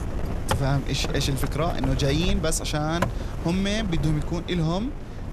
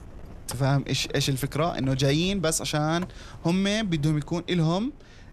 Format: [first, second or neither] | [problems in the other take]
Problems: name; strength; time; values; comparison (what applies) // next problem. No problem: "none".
second | wind noise on the microphone; heavy; 7 dB below the speech; occasional gusts in the second